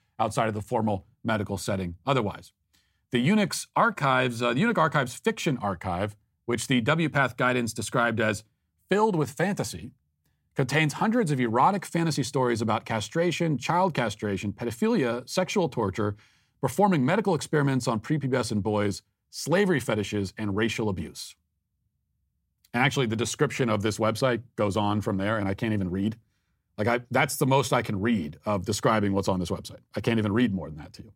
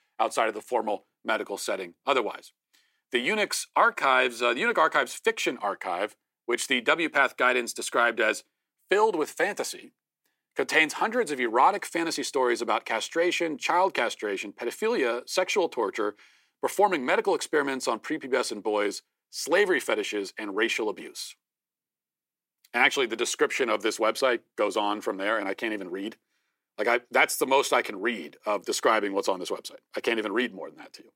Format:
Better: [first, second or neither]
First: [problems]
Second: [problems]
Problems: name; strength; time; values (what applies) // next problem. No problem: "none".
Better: first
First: none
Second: thin; somewhat; fading below 350 Hz